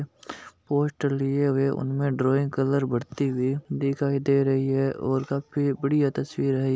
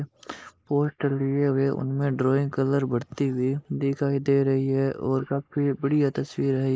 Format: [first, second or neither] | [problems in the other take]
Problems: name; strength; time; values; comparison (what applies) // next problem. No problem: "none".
first | noise reduction (neural mask model Resemble Enhance denoiser)